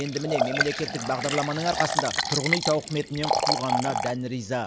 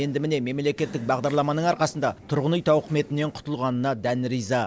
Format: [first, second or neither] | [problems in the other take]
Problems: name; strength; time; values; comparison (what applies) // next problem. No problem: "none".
second | background sound (Liquid); as loud as the speech